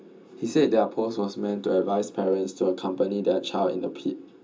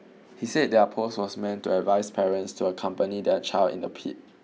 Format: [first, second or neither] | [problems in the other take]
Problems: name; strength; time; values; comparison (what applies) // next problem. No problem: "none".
second | room echo; dies away in 0.2 s